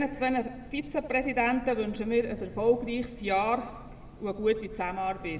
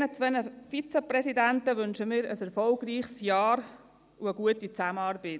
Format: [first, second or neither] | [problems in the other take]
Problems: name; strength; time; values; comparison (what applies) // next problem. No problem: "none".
second | background sound (Train); 16 dB below the speech // room echo; dies away in 1.4 s